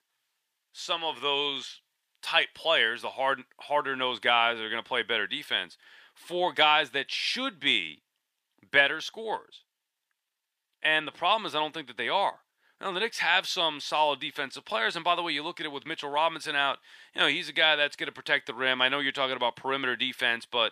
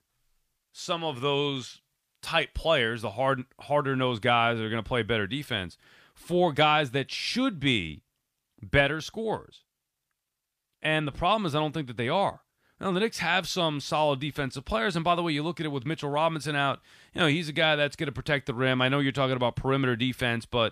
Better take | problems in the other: second | thin; somewhat; fading below 350 Hz

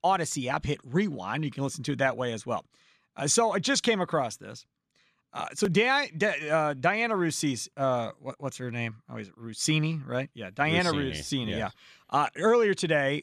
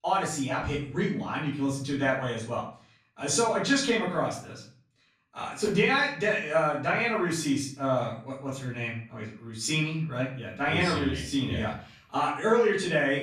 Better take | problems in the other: first | off-mic speech; far // room echo; slight; dies away in 0.4 s

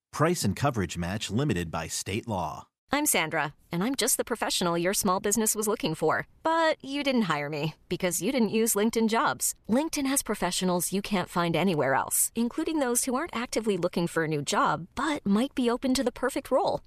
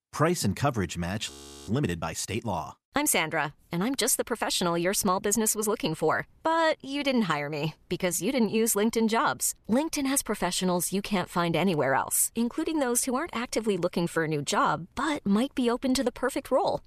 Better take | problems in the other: first | audio freezing; at 1.5 s

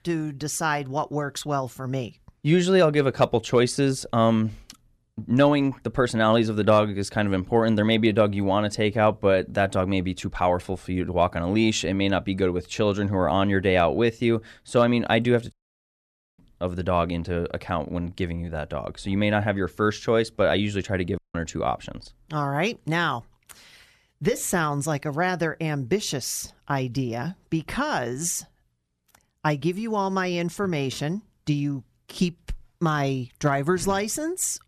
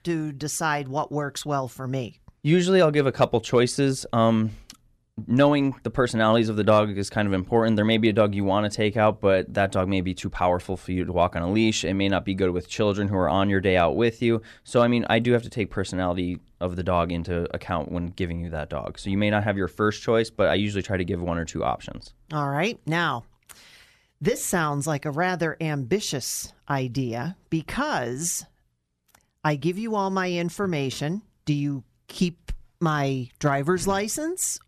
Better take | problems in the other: second | audio cutting out; at 16 s for 1 s and at 21 s

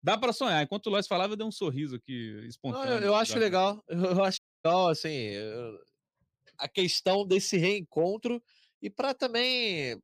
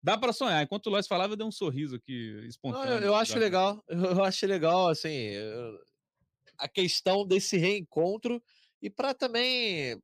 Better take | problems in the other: second | audio cutting out; at 4.5 s

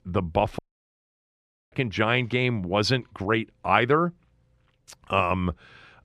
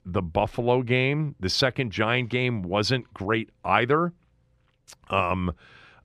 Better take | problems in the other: second | audio cutting out; at 0.5 s for 1 s

